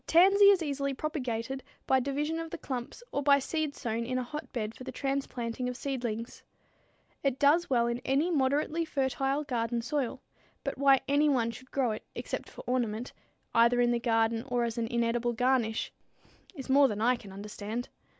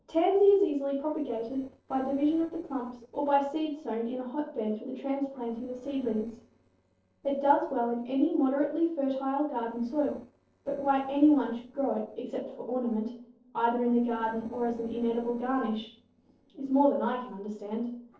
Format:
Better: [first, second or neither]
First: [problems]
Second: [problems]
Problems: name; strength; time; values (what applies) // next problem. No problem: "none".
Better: first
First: none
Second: noise reduction (neural separator model SepFormer DNS4)